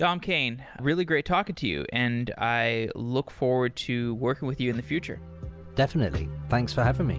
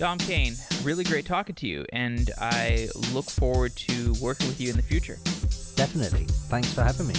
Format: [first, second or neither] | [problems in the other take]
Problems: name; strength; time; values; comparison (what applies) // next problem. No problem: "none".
first | background sound (Drum / Drum kit); 1 dB above the speech